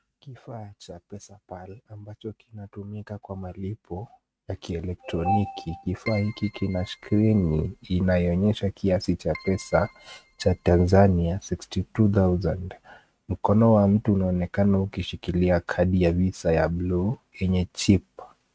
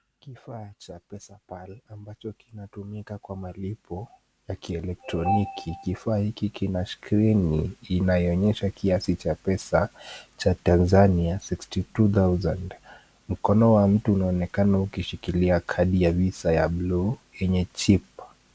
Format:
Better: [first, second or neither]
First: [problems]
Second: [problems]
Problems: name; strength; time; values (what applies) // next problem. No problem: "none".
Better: second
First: noise reduction (neural mask model RNNoise)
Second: none